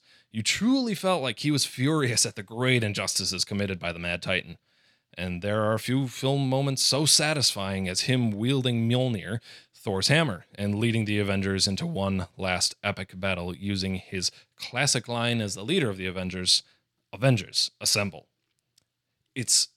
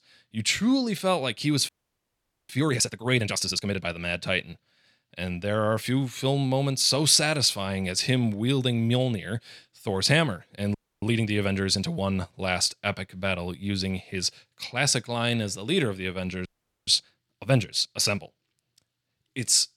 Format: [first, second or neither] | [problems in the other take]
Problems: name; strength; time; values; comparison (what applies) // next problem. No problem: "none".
first | audio freezing; at 1.5 s for 1 s, at 11 s and at 16 s